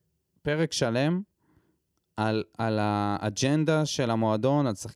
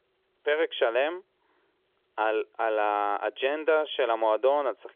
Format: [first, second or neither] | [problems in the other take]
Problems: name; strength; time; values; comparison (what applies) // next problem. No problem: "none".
first | phone-call audio; nothing above 3.5 kHz